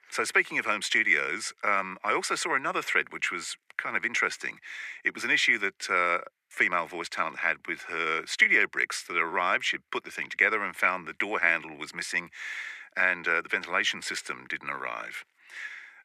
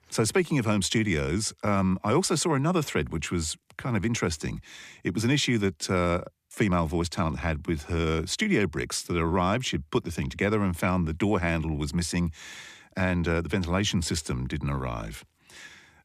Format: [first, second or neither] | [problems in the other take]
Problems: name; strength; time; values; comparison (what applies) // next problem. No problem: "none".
second | thin; very; fading below 450 Hz